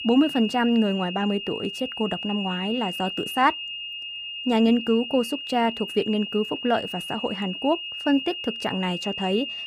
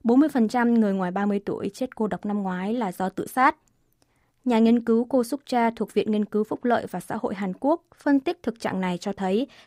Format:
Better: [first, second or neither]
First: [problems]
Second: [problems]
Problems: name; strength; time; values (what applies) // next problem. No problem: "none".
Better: second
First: high-pitched whine; loud; throughout; 3 kHz, 6 dB below the speech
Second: none